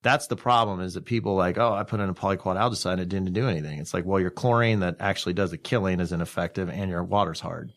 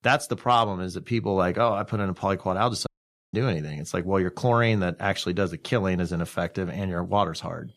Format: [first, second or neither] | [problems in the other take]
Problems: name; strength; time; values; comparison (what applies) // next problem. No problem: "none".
first | audio cutting out; at 3 s